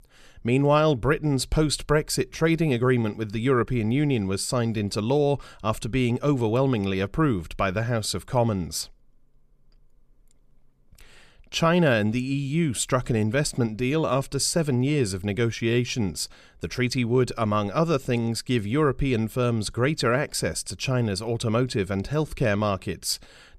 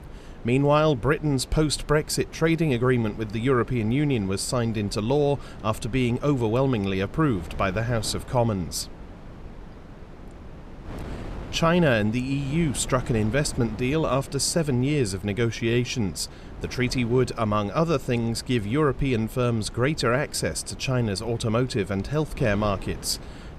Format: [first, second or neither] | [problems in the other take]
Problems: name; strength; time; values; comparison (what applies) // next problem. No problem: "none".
first | wind noise on the microphone; occasional gusts; 20 dB below the speech